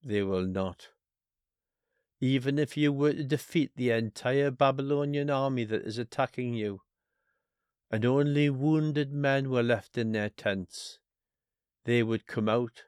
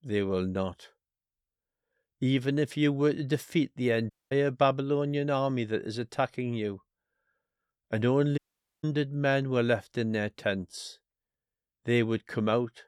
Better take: first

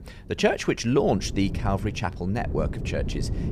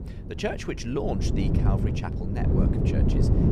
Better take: first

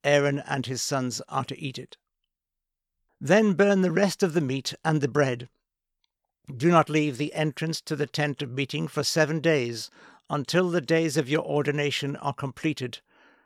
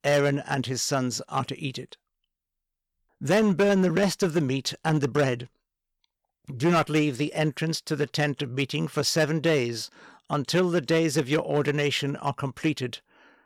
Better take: first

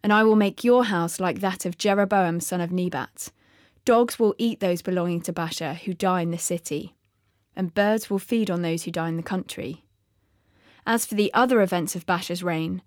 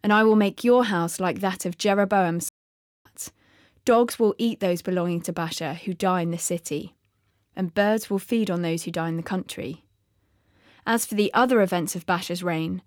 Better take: first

